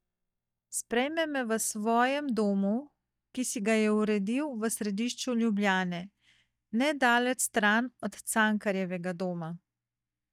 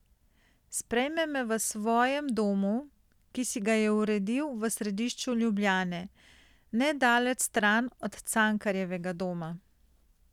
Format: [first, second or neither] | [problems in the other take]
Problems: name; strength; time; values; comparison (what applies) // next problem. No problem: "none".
second | noise reduction (neural mask model DeepFilterNet 3)